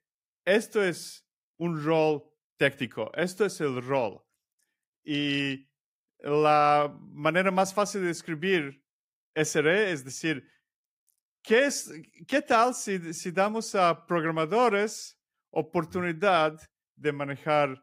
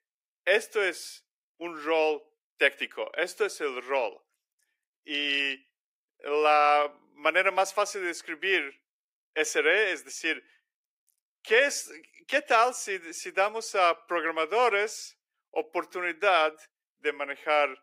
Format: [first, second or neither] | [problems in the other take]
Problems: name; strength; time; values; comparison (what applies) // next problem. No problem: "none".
first | thin; very; fading below 350 Hz